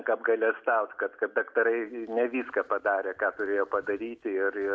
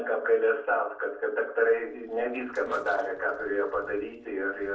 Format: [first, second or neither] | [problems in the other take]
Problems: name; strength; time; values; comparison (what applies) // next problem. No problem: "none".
first | noise reduction (neural separator model SepFormer DNS4)